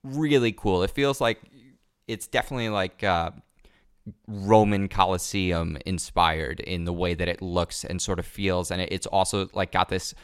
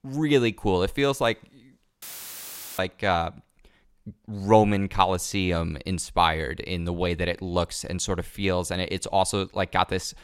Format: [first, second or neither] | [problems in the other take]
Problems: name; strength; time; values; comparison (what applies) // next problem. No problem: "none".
first | audio cutting out; filled with static; at 2 s for 1 s